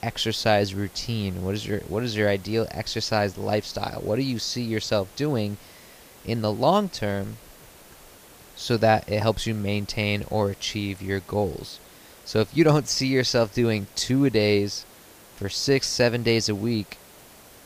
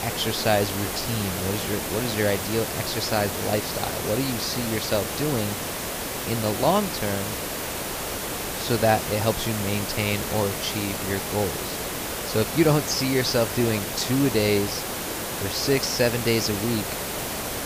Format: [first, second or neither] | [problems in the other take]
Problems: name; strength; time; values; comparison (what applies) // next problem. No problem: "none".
first | hiss; loud; throughout; 3 dB below the speech; faint in the first